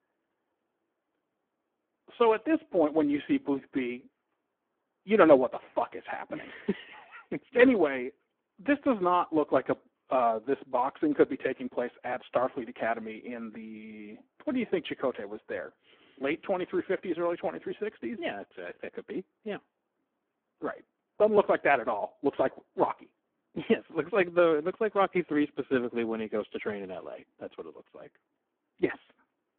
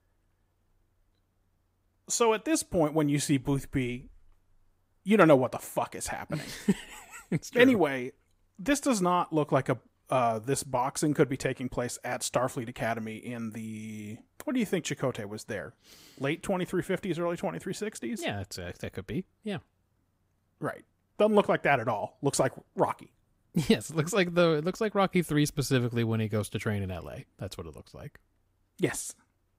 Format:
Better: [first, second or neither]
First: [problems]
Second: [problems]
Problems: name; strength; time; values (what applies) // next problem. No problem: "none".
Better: second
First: phone-call audio; poor line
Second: none